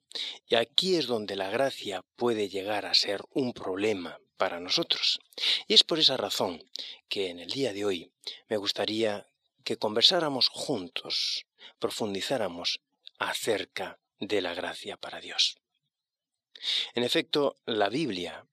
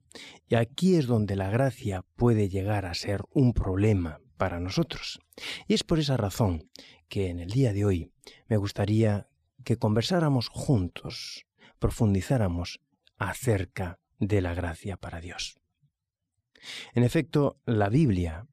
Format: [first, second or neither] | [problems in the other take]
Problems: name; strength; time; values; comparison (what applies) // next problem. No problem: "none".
second | thin; somewhat; fading below 400 Hz